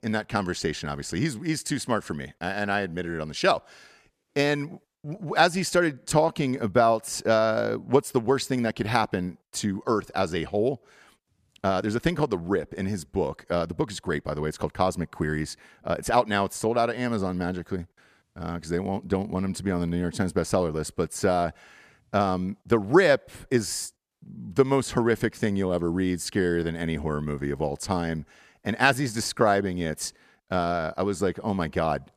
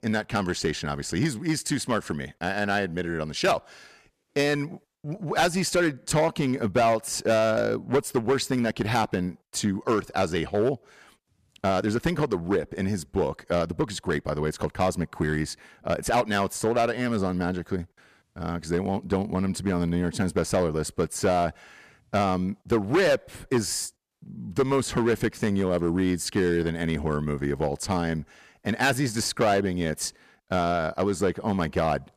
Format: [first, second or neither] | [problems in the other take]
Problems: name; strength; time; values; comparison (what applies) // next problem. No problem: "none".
first | distortion; slight; 5% of the sound clipped